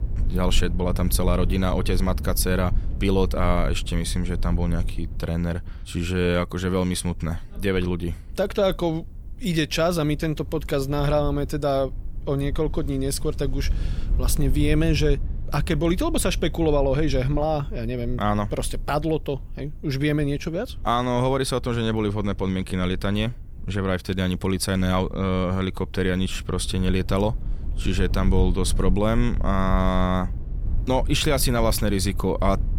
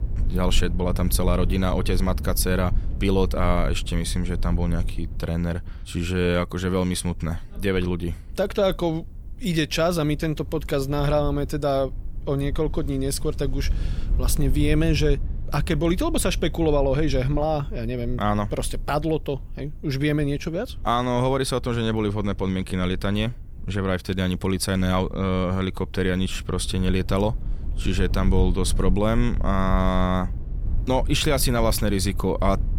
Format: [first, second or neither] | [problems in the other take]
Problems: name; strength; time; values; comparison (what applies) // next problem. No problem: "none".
neither | low rumble; faint; throughout; 20 dB below the speech; the same in both